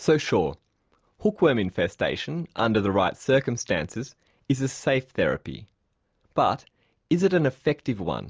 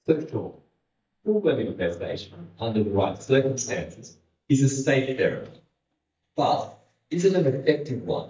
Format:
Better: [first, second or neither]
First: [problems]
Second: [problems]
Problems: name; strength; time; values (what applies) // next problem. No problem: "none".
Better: first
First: none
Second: noise reduction (neural mask model DeepFilterNet 3)